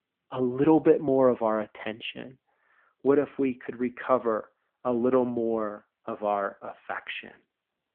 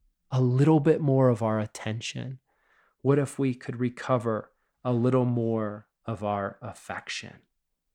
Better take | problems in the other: second | phone-call audio; nothing above 3.5 kHz

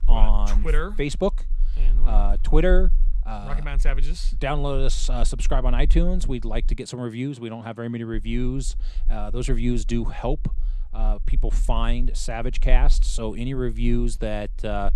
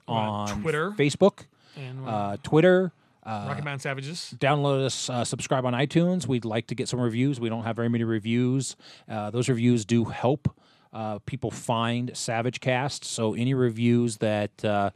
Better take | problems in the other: second | low rumble; faint; until 6.5 s and from 8 s on; 25 dB below the speech

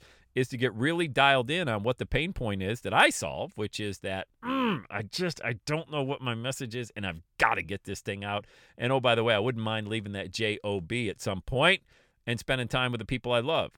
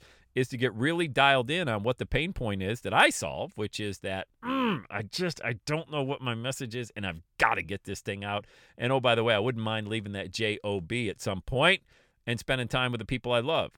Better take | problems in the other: neither | none

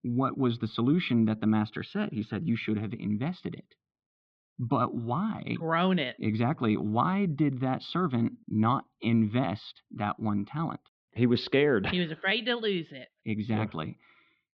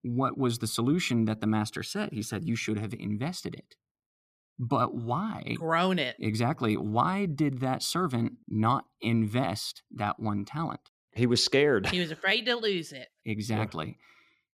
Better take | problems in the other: second | muffled; slightly; fading above 3.5 kHz

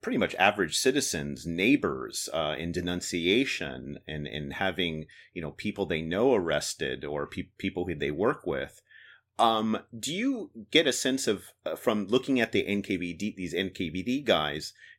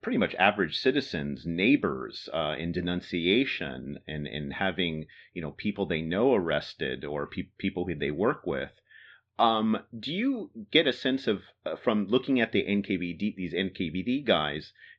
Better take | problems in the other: first | muffled; slightly; fading above 4 kHz

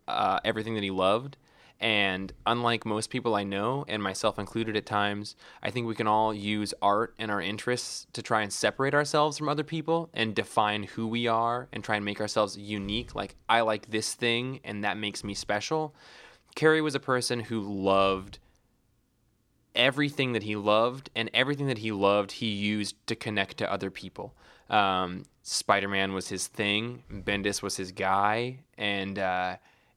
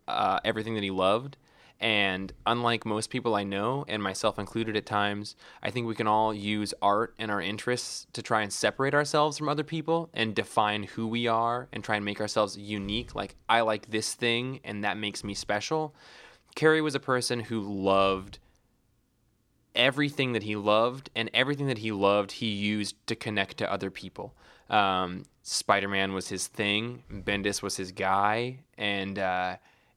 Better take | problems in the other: neither | none

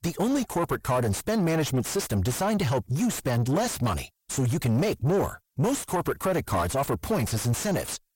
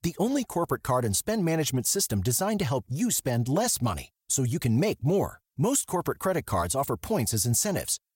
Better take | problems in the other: second | distortion; heavy; 7 dB below the speech

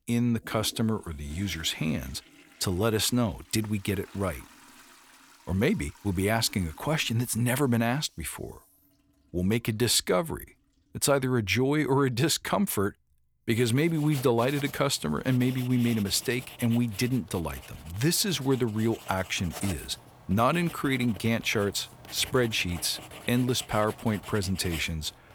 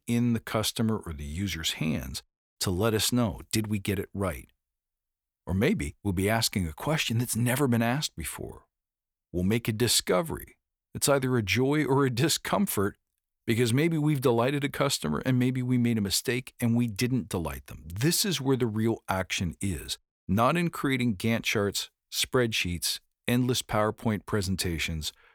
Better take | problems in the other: second | household noises; noticeable; throughout; 20 dB below the speech

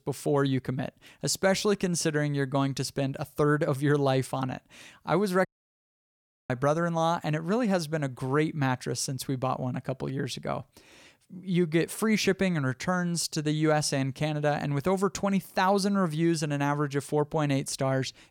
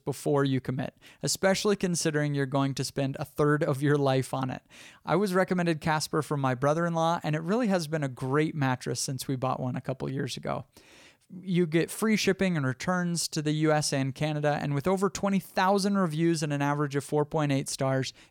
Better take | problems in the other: second | audio cutting out; at 5.5 s for 1 s

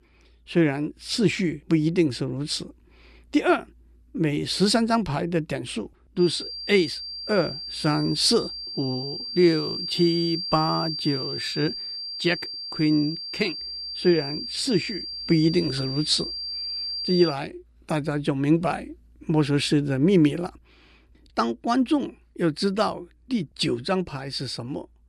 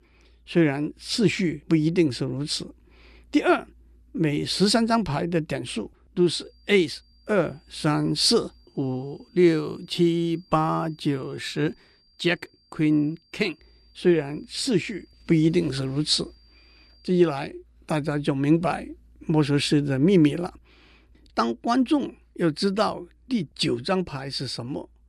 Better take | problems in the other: second | high-pitched whine; loud; from 6 to 17 s; 4.5 kHz, 6 dB below the speech; faint in the second

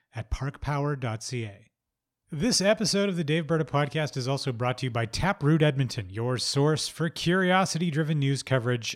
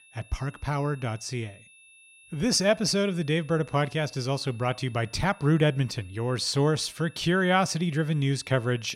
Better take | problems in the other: first | high-pitched whine; faint; throughout; 2.5 kHz, 25 dB below the speech

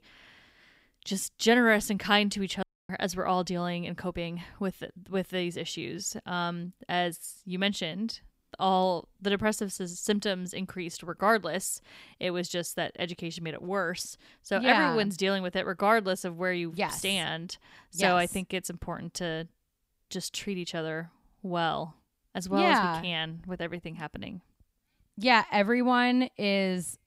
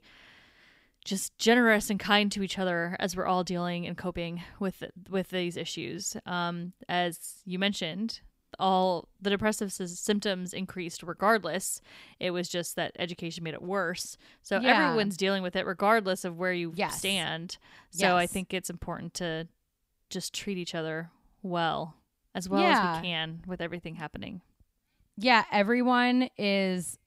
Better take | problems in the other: second | audio cutting out; at 2.5 s

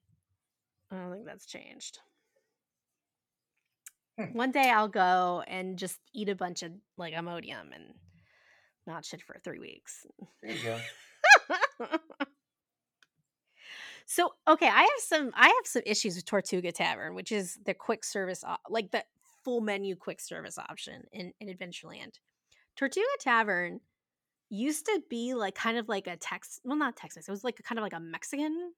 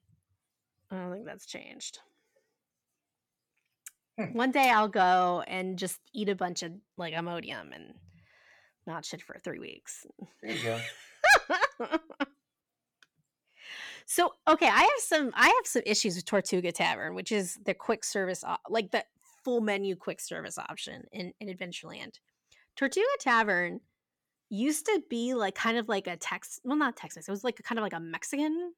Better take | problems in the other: first | distortion; slight; 10 dB below the speech

